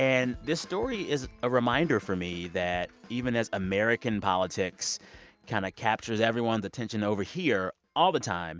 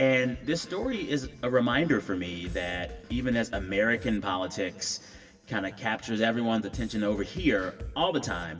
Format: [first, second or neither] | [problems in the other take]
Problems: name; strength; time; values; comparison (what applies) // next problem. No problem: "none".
first | background sound (Drum kit); 12 dB below the speech // room echo; dies away in 2.1 s